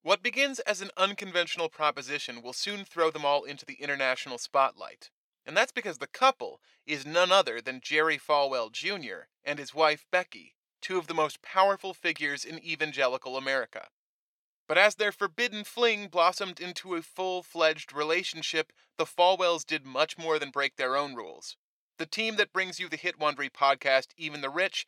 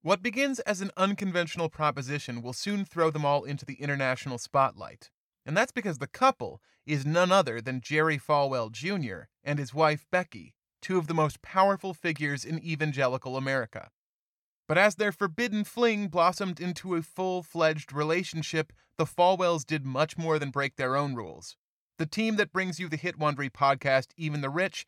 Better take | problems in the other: second | thin; somewhat; fading below 400 Hz

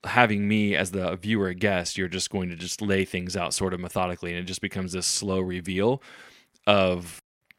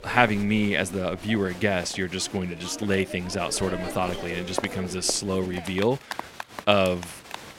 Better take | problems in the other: first | crowd noise; noticeable; throughout; 10 dB below the speech

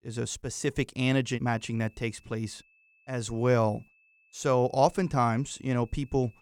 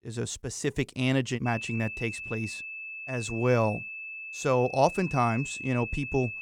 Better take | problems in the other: first | high-pitched whine; loud; from 1.5 s on; 2.5 kHz, 8 dB below the speech; faint in the first

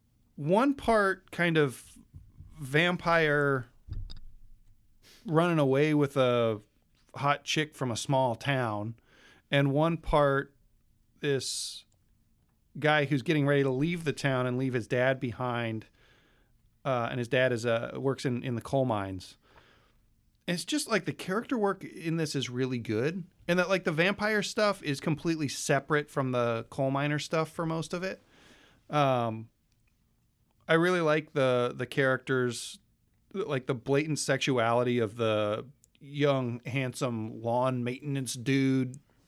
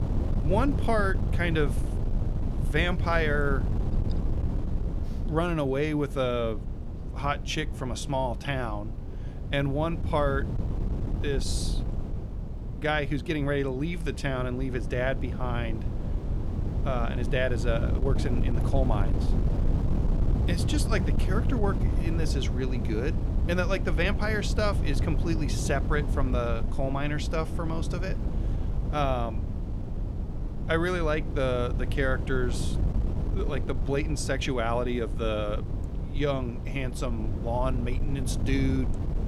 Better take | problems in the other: first | wind noise on the microphone; occasional gusts; 10 dB below the speech

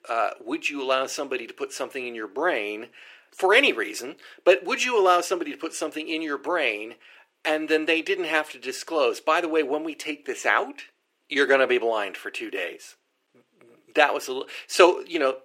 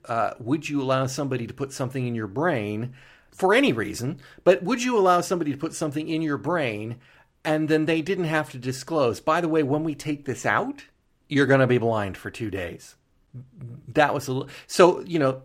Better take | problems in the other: second | thin; somewhat; fading below 350 Hz

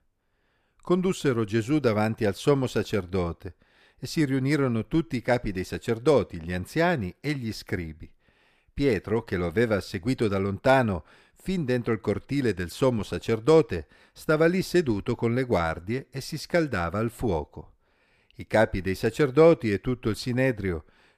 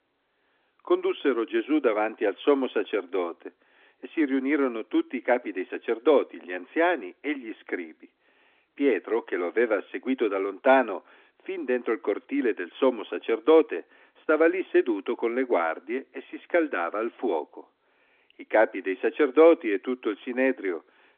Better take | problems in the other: first | phone-call audio; nothing above 3.5 kHz

